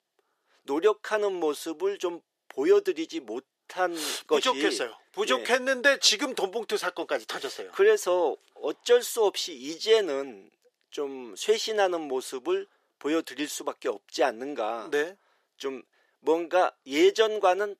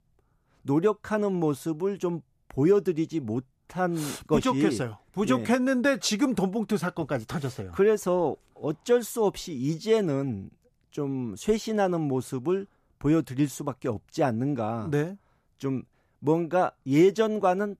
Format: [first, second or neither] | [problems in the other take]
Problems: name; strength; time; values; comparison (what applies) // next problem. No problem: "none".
second | thin; very; fading below 400 Hz